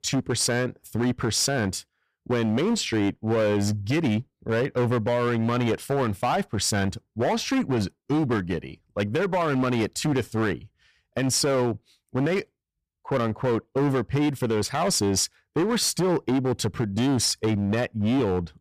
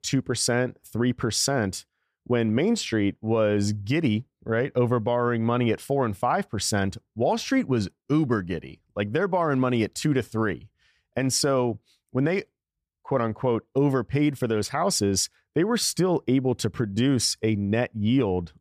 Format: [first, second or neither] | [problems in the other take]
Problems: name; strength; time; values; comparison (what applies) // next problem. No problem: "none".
second | distortion; slight; 15% of the sound clipped